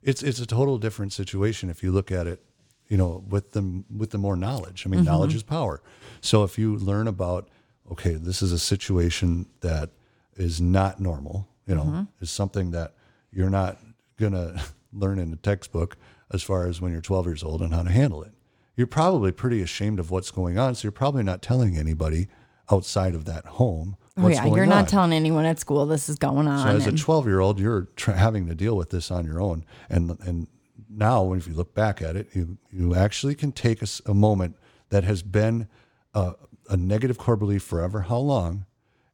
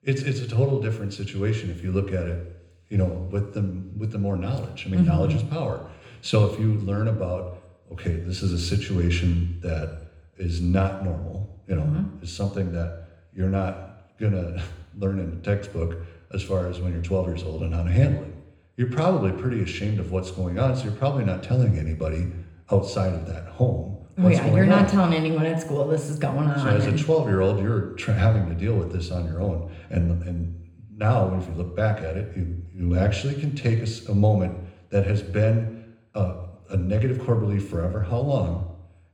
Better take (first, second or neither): first